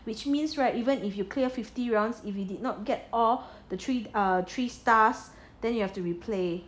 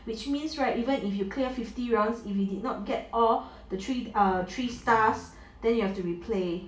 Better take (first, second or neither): first